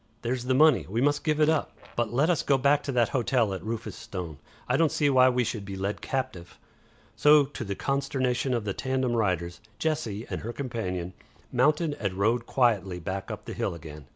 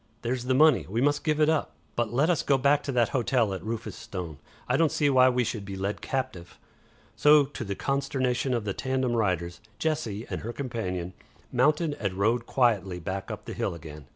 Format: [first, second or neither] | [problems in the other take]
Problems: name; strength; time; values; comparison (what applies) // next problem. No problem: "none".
second | background sound (Fart); 18 dB below the speech